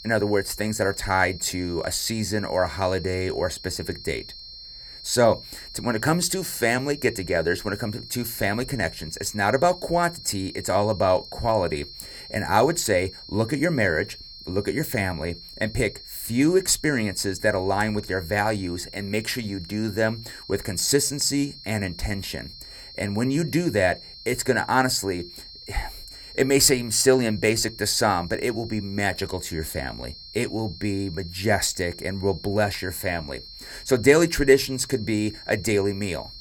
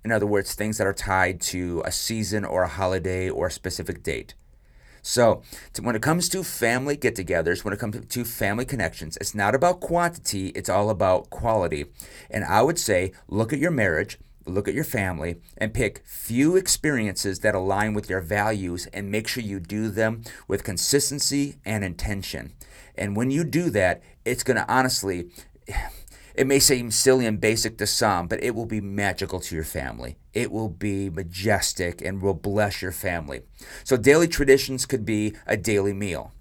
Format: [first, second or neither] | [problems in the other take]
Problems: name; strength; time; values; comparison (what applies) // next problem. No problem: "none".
second | high-pitched whine; noticeable; throughout; 4 kHz, 15 dB below the speech